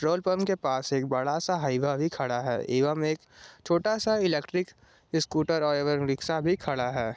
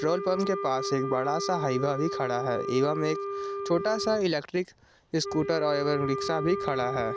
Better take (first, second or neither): first